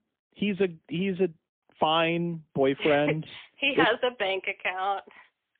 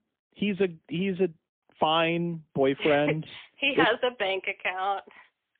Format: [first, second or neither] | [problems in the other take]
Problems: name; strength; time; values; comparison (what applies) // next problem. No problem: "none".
neither | phone-call audio; poor line; nothing above 3.5 kHz; the same in both